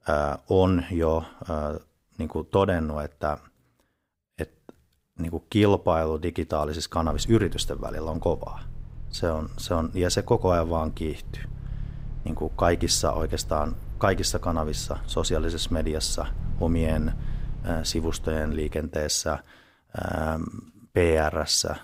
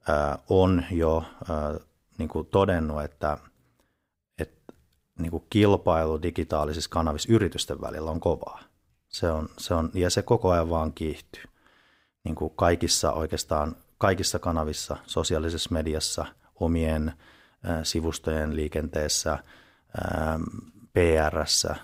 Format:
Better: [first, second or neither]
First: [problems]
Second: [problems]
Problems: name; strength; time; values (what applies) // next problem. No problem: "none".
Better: second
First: low rumble; faint; from 7 to 19 s; 25 dB below the speech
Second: none